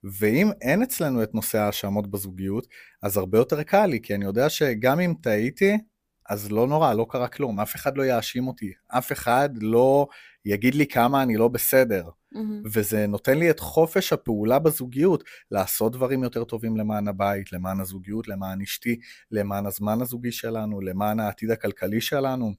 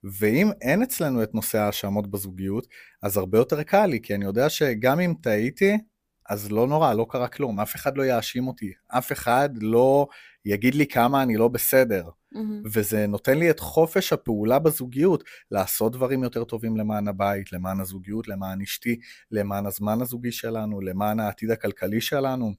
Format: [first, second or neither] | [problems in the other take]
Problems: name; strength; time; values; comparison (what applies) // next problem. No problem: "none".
neither | none